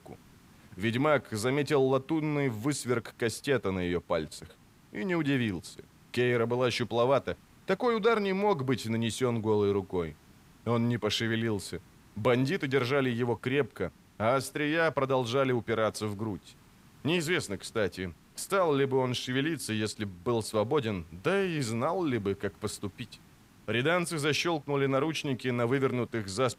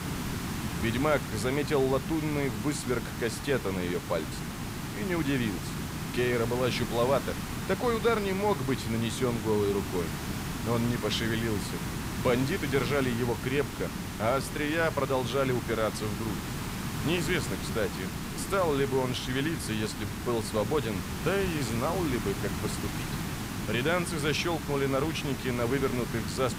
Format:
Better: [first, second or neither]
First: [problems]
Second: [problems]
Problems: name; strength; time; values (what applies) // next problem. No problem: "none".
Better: first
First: hiss; faint; throughout; 30 dB below the speech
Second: hiss; loud; throughout; 5 dB below the speech